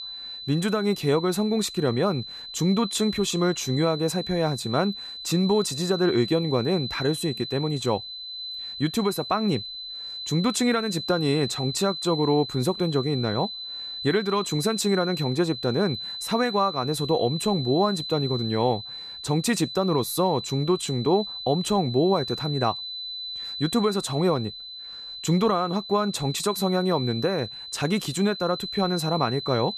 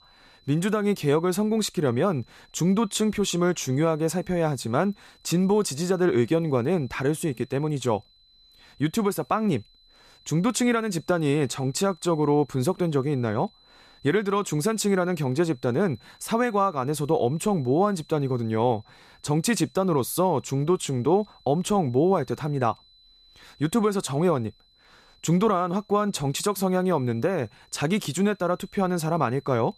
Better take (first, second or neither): second